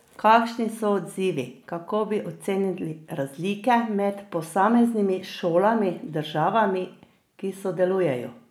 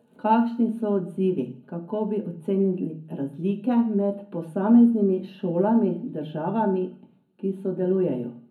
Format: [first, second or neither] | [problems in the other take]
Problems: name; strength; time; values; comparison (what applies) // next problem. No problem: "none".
first | room echo; dies away in 0.4 s